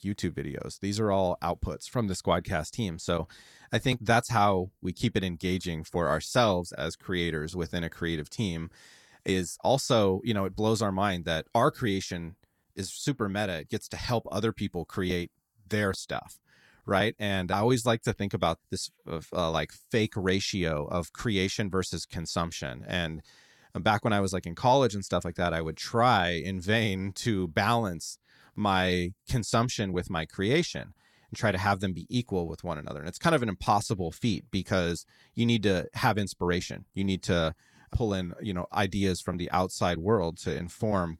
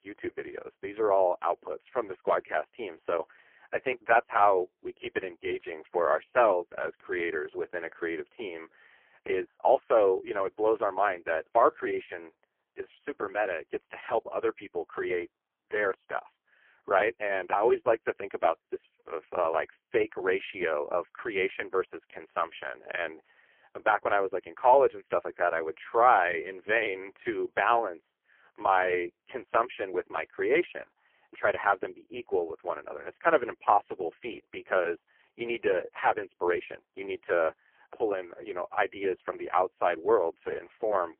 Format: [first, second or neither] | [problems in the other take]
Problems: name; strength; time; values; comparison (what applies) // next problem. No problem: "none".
first | phone-call audio; poor line; nothing above 3 kHz